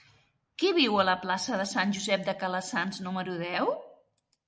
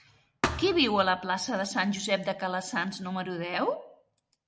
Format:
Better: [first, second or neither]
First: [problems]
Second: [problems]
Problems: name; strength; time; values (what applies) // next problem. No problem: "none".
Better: first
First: none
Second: background sound (Thump, thud); 6 dB below the speech